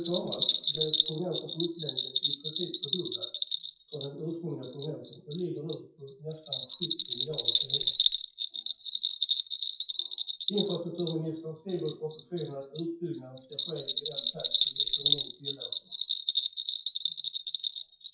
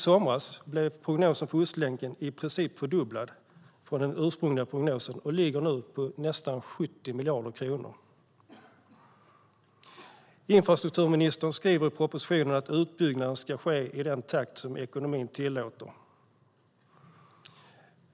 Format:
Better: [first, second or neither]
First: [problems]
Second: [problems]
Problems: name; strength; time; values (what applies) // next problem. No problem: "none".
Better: second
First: noise reduction (classical method WPE with log-MMSE)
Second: none